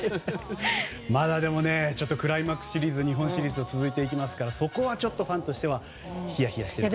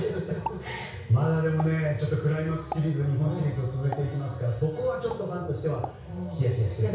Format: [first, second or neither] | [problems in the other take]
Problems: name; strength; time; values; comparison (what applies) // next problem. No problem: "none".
first | background sound (Explosion); 17 dB below the speech // room echo; dies away in 0.6 s